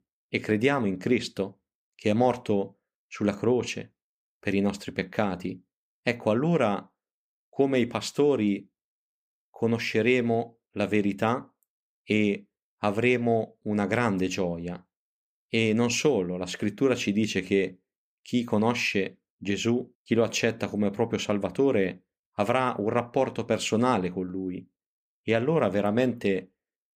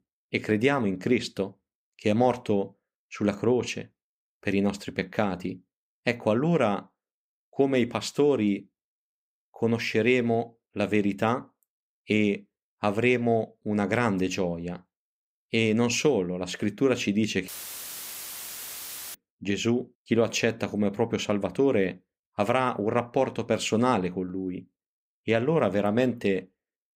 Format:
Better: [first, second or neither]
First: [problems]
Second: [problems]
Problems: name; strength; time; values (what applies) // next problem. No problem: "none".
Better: first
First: none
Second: audio cutting out; filled with static; at 17 s for 1.5 s